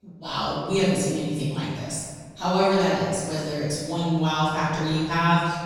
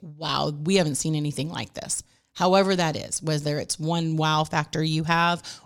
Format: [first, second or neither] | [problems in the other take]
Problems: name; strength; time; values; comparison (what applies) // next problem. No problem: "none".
second | room echo; strong; dies away in 1.5 s // off-mic speech; far